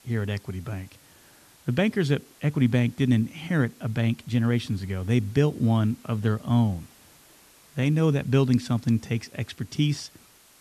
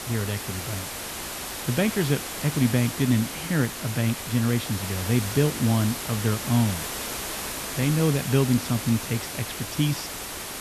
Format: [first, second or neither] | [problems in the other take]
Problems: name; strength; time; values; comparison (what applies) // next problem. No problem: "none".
first | hiss; loud; throughout; 6 dB below the speech; faint in the first